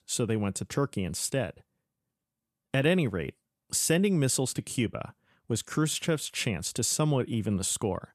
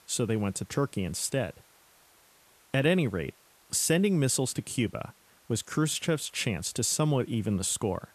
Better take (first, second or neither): first